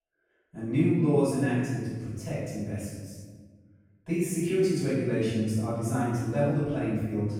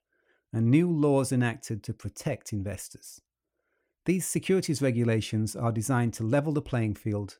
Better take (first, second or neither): second